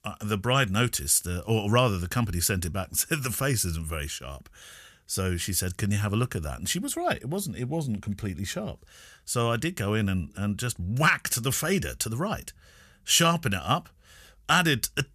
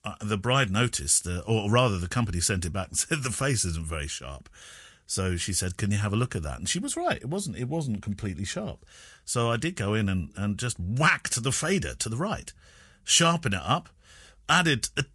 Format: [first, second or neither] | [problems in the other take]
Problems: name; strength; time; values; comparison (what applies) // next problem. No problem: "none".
first | garbled, watery; slightly; nothing above 10.5 kHz